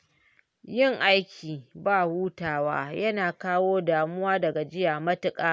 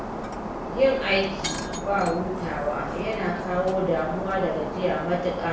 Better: first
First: none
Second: background sound (Shatter); 5 dB below the speech // room echo; dies away in 0.6 s

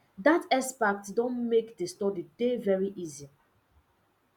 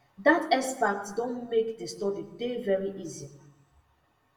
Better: first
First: none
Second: room echo; dies away in 0.8 s

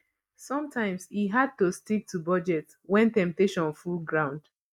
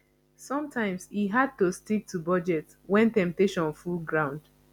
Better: second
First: noise reduction (neural mask model Resemble Enhance denoiser)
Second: none

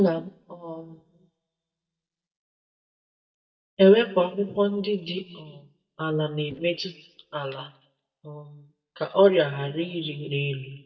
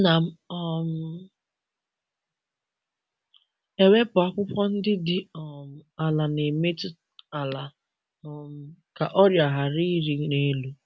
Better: second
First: noise reduction (neural mask model DeepFilterNet 3)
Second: none

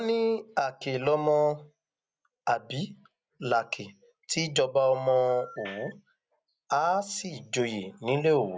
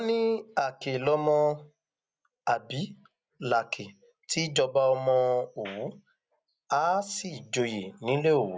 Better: second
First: background sound (Telephone); 17 dB below the speech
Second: none

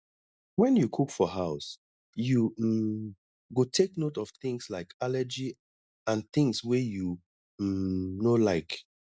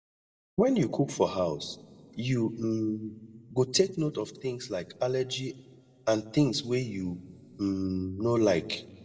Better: first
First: none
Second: room echo; dies away in 0.7 s

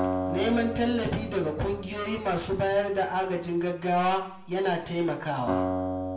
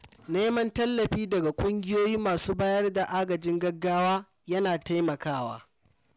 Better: second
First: background sound (Acoustic guitar); 6 dB below the speech // room echo; dies away in 0.7 s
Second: none

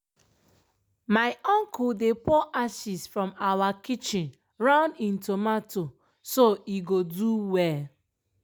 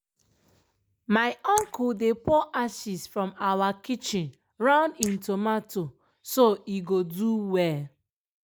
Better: first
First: none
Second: noise reduction (neural mask model Resemble Enhance denoiser)

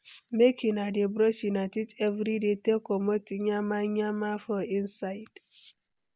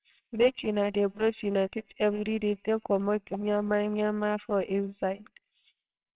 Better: first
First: none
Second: noise reduction (neural separator model SepFormer WHAMR!)

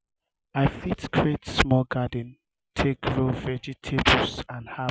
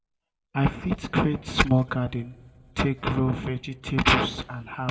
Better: first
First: none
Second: room echo; dies away in 1.1 s

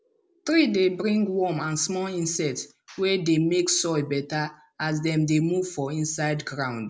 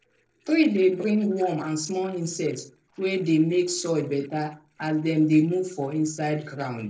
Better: first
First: none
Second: noise reduction (neural separator model SepFormer DNS4)

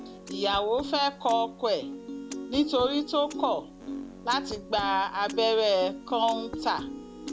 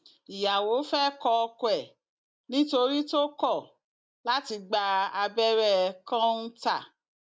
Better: second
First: background sound (Piano); 10 dB below the speech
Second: none

